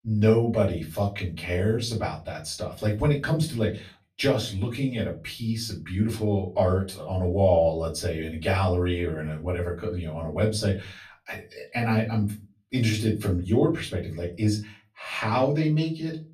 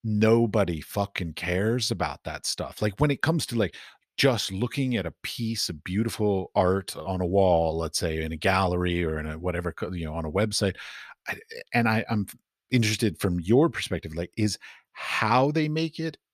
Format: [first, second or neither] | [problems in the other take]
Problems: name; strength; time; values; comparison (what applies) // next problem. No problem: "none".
second | off-mic speech; far // room echo; very slight; dies away in 0.3 s